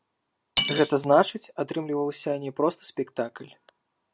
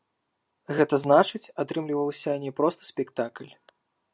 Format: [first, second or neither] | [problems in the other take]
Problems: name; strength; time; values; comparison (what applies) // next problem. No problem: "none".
second | background sound (Cutlery, silverware / Dishes, pots, and pans); 5 dB below the speech